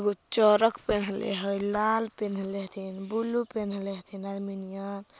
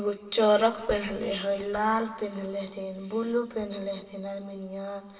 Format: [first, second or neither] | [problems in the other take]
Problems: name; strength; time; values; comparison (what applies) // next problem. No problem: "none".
first | room echo; dies away in 1.8 s